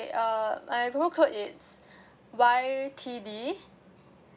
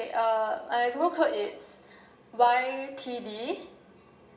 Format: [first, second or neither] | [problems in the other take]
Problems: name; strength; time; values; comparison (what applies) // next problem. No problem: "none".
first | room echo; dies away in 0.8 s